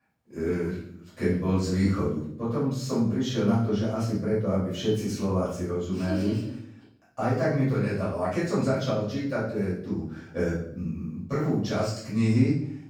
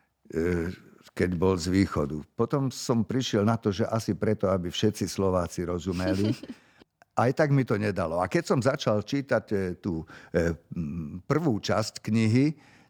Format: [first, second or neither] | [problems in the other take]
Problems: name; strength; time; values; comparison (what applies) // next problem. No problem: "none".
second | off-mic speech; far // room echo; noticeable; dies away in 0.6 s